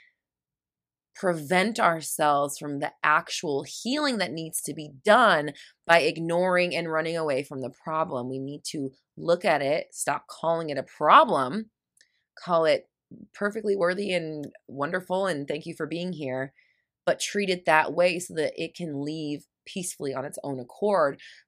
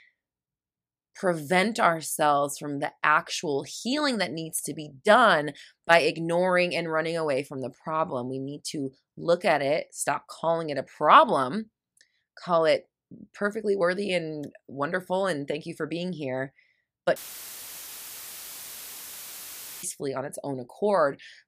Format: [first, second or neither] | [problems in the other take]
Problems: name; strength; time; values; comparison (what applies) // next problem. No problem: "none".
first | audio cutting out; filled with static; at 17 s for 2.5 s